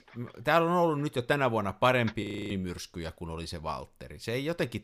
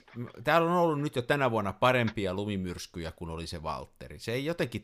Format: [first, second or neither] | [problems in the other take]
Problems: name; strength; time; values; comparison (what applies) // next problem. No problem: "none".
second | audio freezing; at 2 s